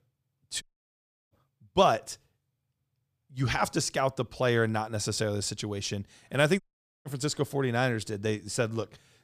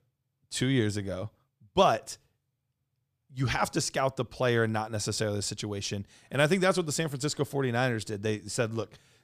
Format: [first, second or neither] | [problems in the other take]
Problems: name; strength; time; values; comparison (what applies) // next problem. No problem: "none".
second | audio cutting out; at 0.5 s for 0.5 s and at 6.5 s